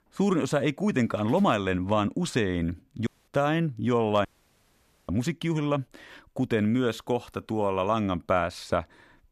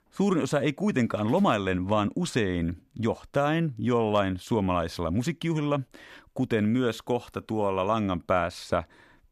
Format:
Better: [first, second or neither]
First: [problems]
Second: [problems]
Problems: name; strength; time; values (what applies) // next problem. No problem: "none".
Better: second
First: audio cutting out; at 3 s and at 4.5 s for 1 s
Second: none